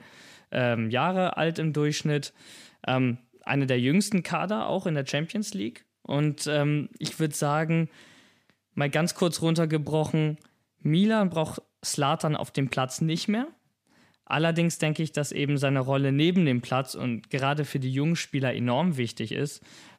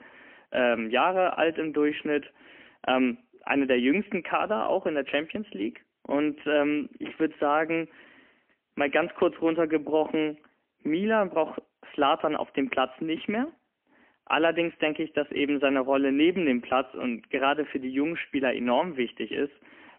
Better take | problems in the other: first | phone-call audio; poor line; nothing above 3 kHz

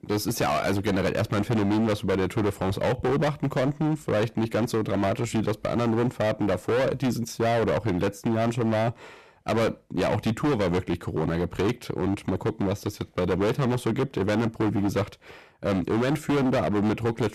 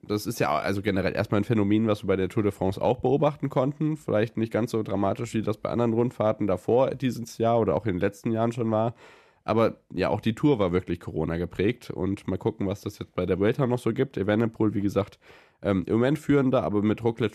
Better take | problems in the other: second | distortion; heavy; 24% of the sound clipped

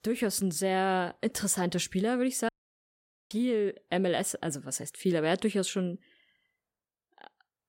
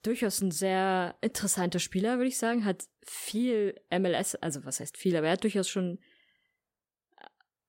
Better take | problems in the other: second | audio cutting out; at 2.5 s for 1 s

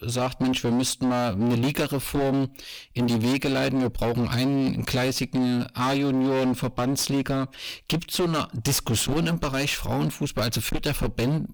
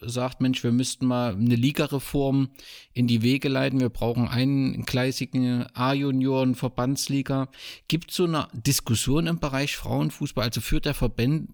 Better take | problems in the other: second | distortion; heavy; 25% of the sound clipped

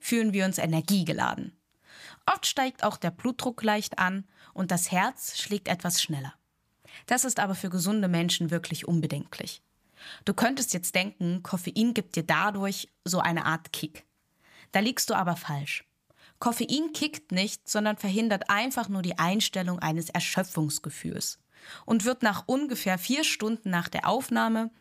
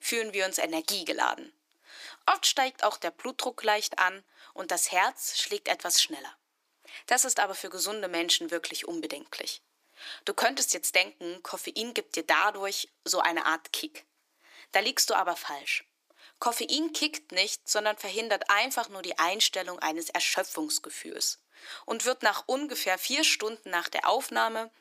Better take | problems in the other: first | thin; very; fading below 300 Hz

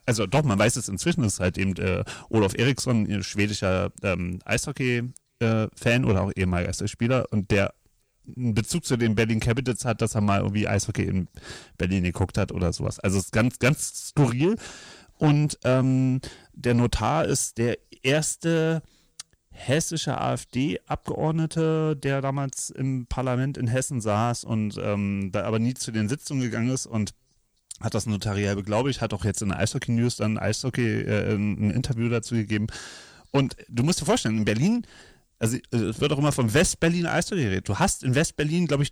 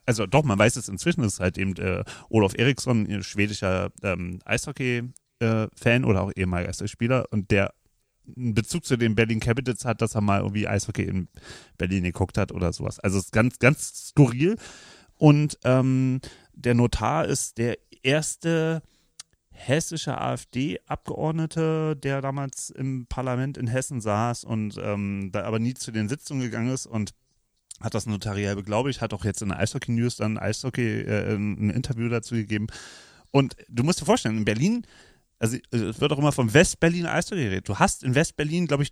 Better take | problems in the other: second | distortion; slight; 10 dB below the speech

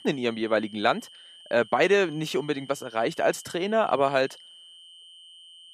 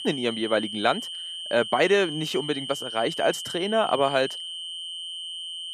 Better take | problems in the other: first | high-pitched whine; loud; throughout; 3 kHz, 7 dB below the speech; faint in the first

